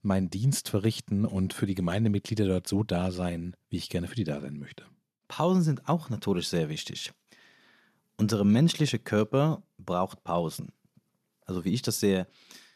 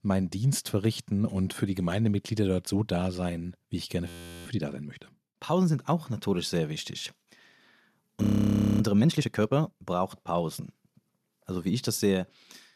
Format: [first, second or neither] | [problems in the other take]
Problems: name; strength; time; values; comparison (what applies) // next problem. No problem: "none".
first | audio freezing; at 4 s and at 8 s for 0.5 s